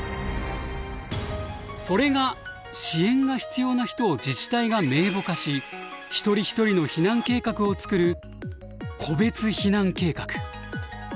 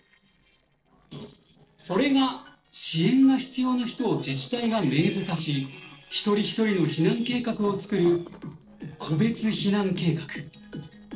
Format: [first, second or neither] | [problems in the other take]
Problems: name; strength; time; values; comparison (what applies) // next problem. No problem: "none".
first | noise reduction (neural separator model SepFormer DNS4)